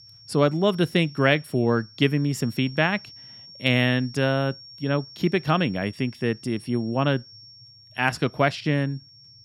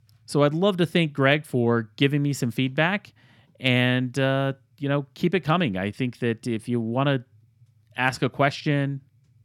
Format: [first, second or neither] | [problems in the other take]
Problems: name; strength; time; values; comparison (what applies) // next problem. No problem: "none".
second | high-pitched whine; faint; throughout; 5.5 kHz, 20 dB below the speech